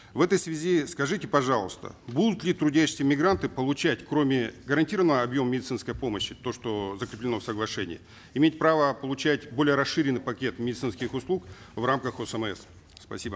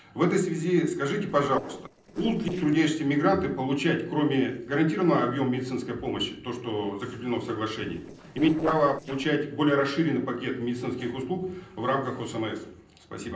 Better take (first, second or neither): first